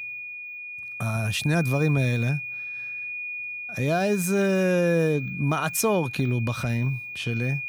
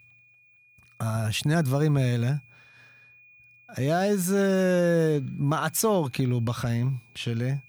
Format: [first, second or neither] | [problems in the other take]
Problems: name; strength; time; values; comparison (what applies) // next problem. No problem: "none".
second | high-pitched whine; loud; throughout; 2.5 kHz, 8 dB below the speech; faint in the second